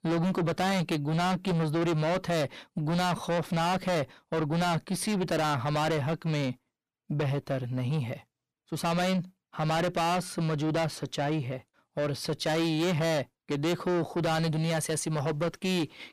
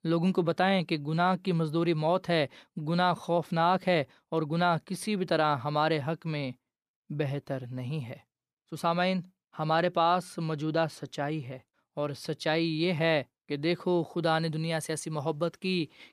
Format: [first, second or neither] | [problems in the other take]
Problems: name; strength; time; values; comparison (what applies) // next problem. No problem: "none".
second | distortion; heavy; 6 dB below the speech